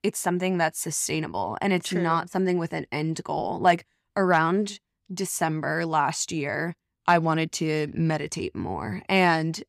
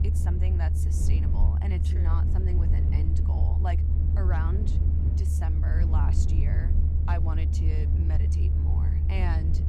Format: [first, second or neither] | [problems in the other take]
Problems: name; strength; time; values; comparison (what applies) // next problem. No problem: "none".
first | low rumble; loud; throughout; as loud as the speech